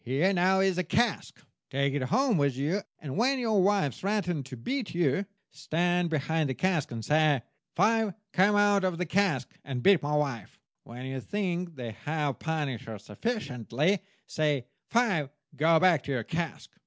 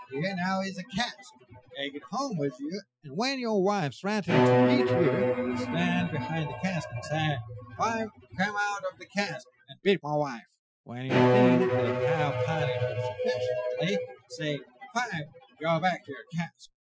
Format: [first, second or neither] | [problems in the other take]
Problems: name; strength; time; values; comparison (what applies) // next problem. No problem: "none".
first | noise reduction (classical method Wiener filter)